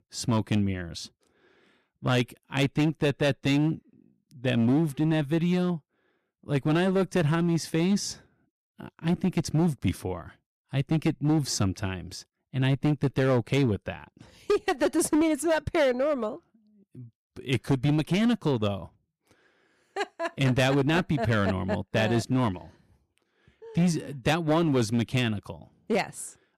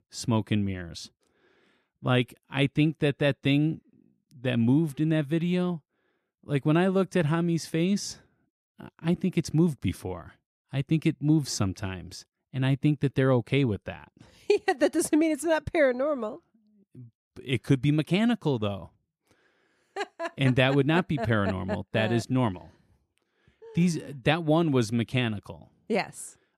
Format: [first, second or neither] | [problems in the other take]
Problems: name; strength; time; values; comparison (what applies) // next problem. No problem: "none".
second | distortion; slight; 7% of the sound clipped